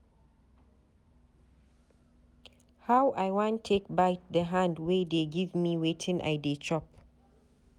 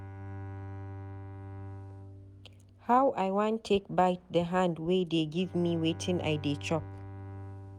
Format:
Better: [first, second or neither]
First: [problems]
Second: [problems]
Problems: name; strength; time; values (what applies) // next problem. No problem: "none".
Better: first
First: none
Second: background sound (Bowed string instrument); 13 dB below the speech